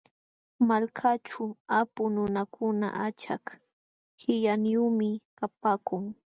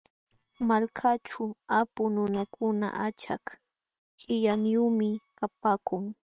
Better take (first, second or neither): first